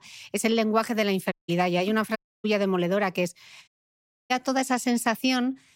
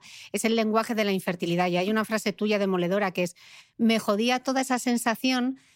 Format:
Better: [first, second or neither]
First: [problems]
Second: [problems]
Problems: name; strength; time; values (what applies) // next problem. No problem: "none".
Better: second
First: audio cutting out; at 1.5 s, at 2 s and at 3.5 s for 0.5 s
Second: none